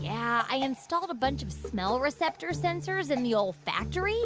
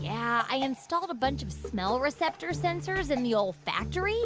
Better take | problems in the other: first | background sound (Sliding door / Slam); 20 dB below the speech

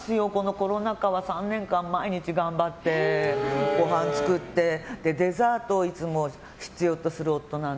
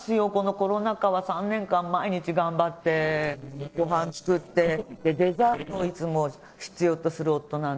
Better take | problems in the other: first | noise reduction (neural separator model SepFormer DNS4)

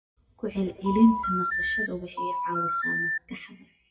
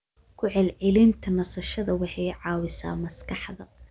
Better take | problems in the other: second | noise reduction (classical method WPE with log-MMSE)

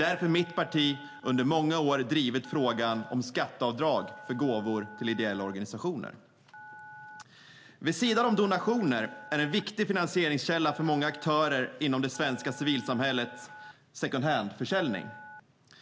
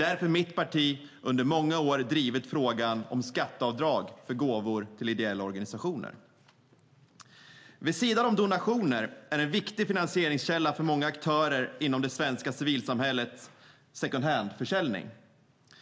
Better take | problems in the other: second | background sound (Telephone); 20 dB below the speech

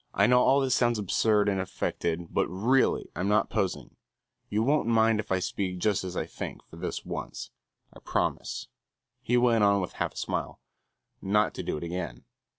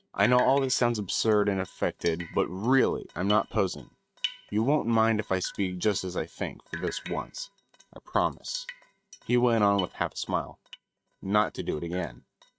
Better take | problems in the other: first | noise reduction (neural mask model RNNoise)

